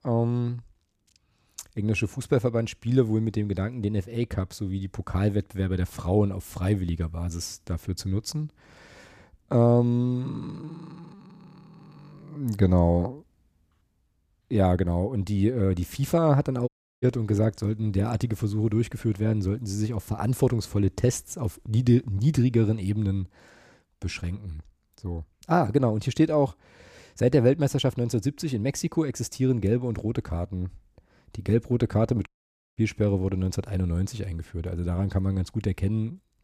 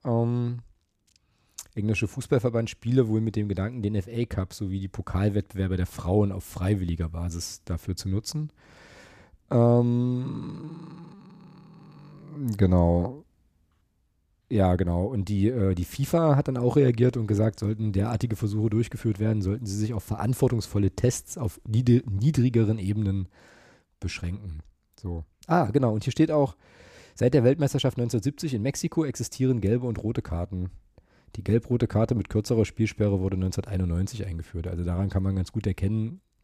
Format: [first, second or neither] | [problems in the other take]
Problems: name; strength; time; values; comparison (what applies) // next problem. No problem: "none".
second | audio cutting out; at 17 s and at 32 s